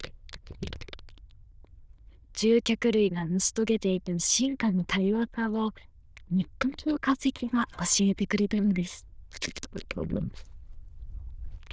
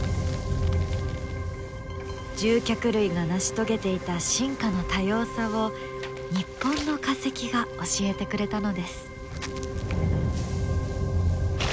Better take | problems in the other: second | noise reduction (neural diffusion model UNIVERSE++)

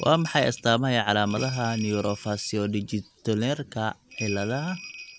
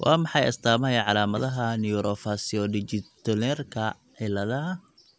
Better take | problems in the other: second | background sound (Bell); 16 dB below the speech

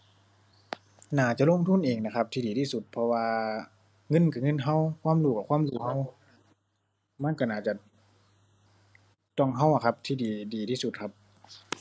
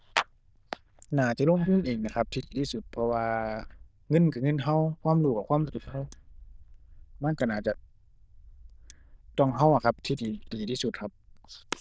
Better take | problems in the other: first | noise reduction (neural diffusion model UNIVERSE++)

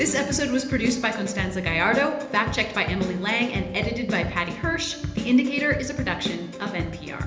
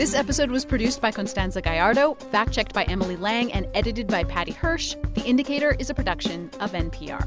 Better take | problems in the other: second | room echo; dies away in 1 s

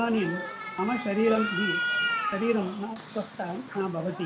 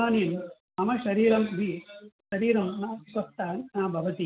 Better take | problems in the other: second | background sound (Cat); 4 dB below the speech

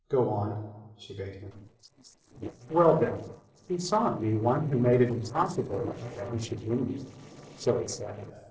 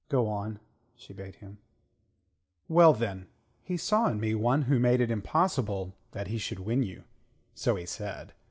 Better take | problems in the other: second | noise reduction (neural separator model SepFormer DNS4)

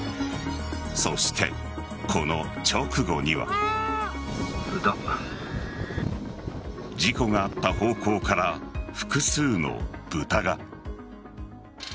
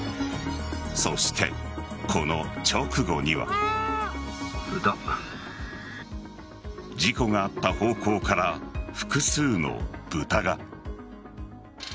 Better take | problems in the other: second | background sound (Wind); 7 dB below the speech

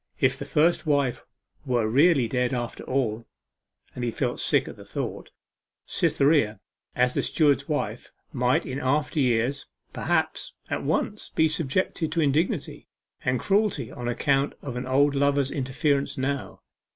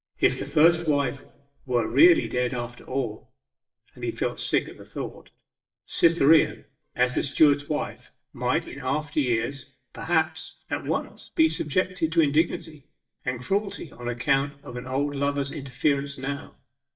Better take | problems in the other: first | noise reduction (neural mask model DeepFilterNet 3)

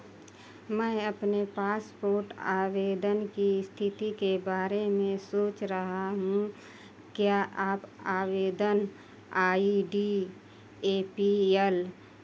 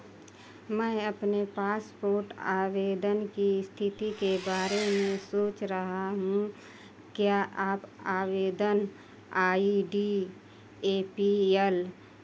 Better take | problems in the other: first | background sound (Engine); 11 dB below the speech

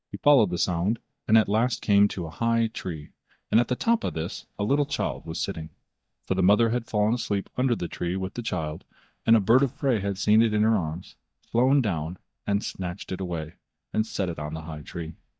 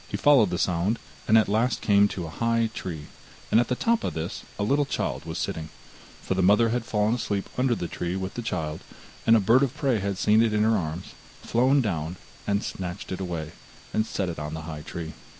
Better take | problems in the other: second | noise reduction (neural mask model DeepFilterNet 3)

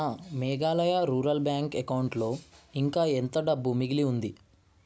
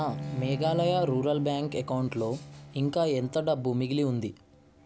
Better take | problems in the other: first | background sound (Bowed string instrument); 11 dB below the speech

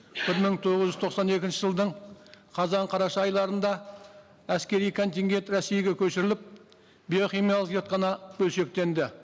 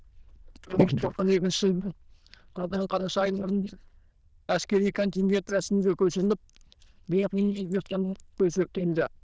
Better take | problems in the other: first | noise reduction (neural diffusion model UNIVERSE++)

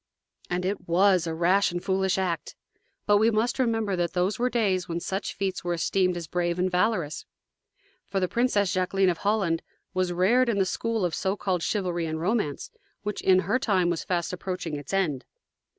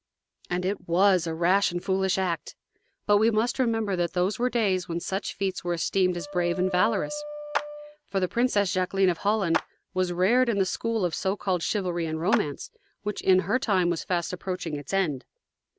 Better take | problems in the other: first | background sound (Clapping + Wind instrument, woodwind instrument); 11 dB below the speech

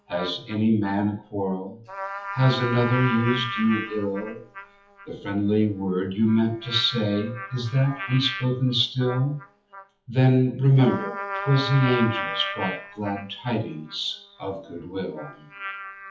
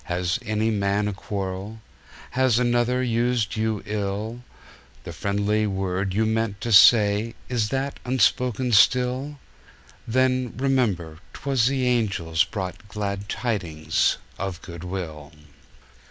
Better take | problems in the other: second | noise reduction (classical method WPE with log-MMSE)

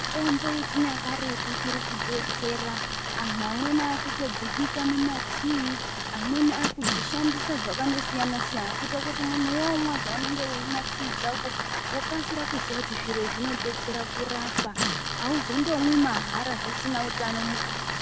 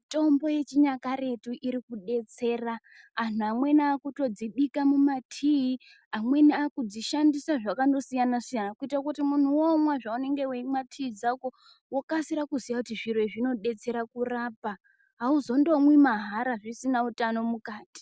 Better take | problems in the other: second | background sound (Tools); 1 dB below the speech

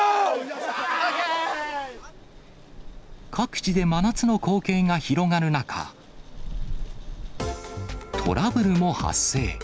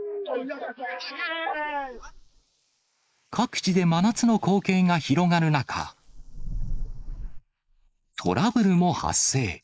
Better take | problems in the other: first | noise reduction (neural mask model Resemble Enhance denoiser)

